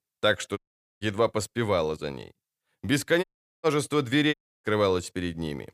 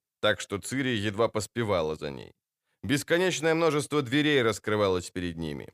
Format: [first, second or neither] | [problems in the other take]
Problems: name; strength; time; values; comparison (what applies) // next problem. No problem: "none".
second | audio cutting out; at 0.5 s, at 3 s and at 4.5 s